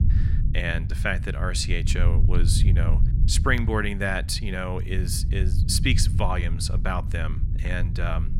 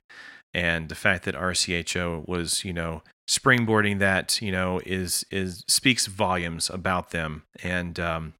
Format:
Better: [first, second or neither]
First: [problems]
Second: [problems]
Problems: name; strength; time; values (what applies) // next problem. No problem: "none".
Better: second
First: low rumble; noticeable; throughout; 10 dB below the speech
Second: none